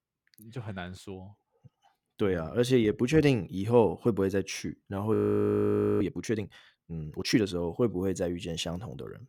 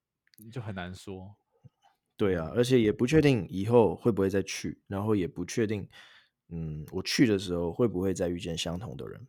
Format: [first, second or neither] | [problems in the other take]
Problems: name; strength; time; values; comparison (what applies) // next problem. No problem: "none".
second | audio freezing; at 5 s for 1 s